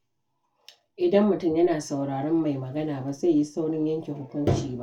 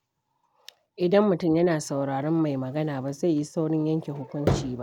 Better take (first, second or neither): second